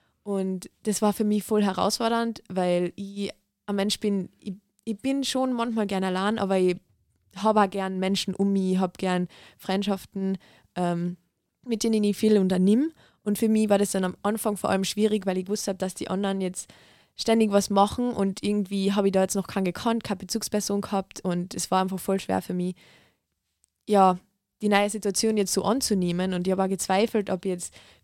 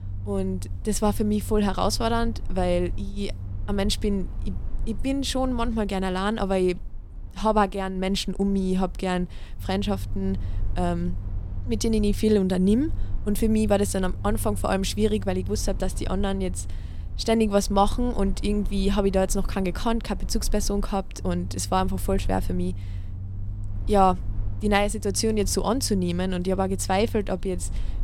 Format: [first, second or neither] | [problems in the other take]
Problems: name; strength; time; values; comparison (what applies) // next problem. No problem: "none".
first | low rumble; faint; throughout; 25 dB below the speech